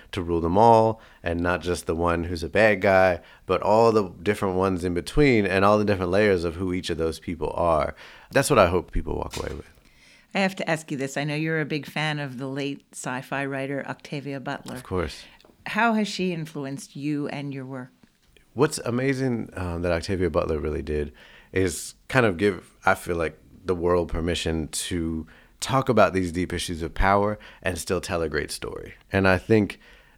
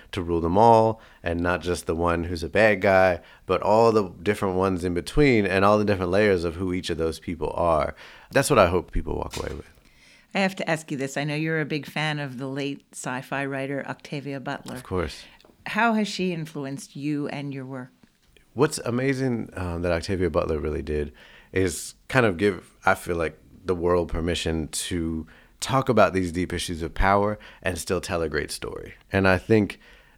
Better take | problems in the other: neither | clattering dishes; faint; at 9.5 s; peak 15 dB below the speech; the same in both

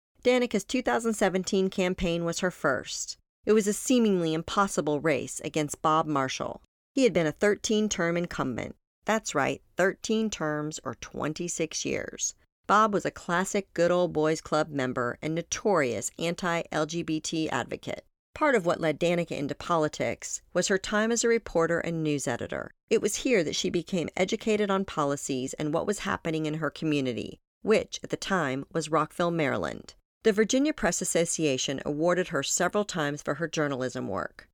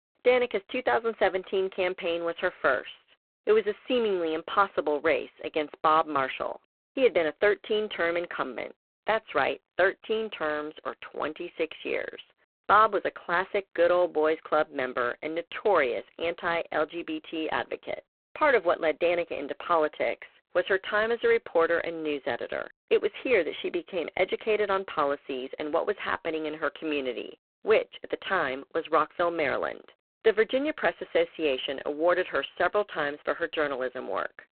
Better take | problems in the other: first | phone-call audio; poor line

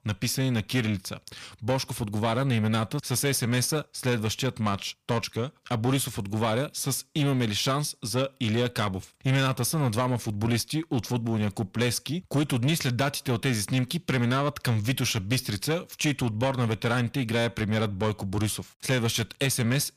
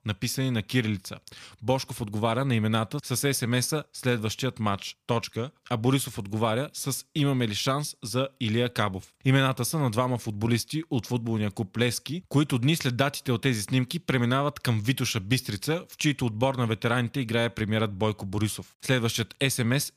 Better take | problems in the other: second | distortion; slight; 10 dB below the speech

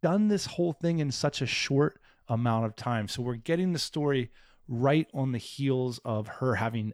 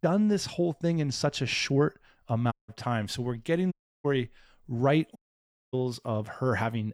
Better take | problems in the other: first | audio cutting out; at 2.5 s, at 3.5 s and at 5 s for 0.5 s

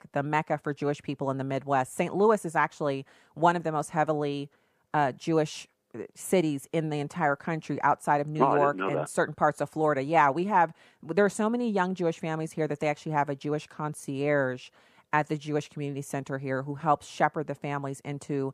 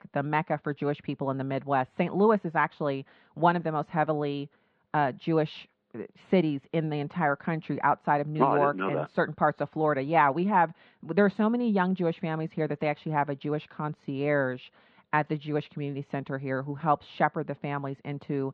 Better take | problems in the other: first | muffled; slightly; fading above 4 kHz

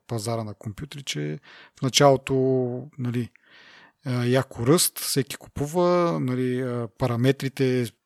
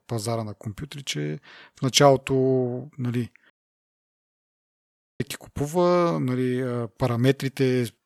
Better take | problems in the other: first | audio cutting out; at 3.5 s for 1.5 s

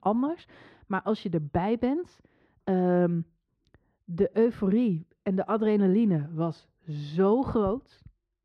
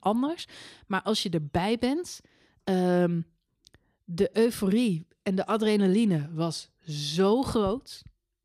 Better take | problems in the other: second | muffled; very; fading above 3.5 kHz

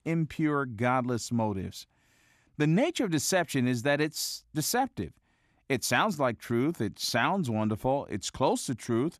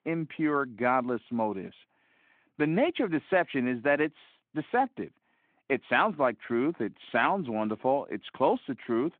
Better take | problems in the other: first | phone-call audio

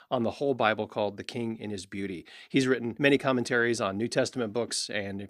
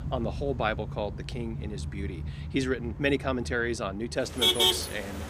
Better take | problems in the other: first | traffic noise; very loud; throughout; 1 dB above the speech

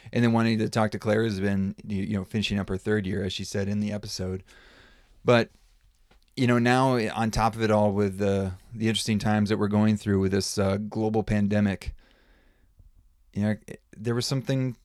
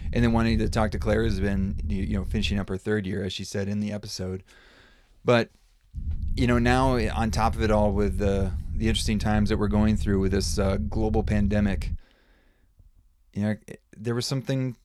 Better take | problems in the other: first | low rumble; faint; until 2.5 s and from 6 to 12 s; 20 dB below the speech

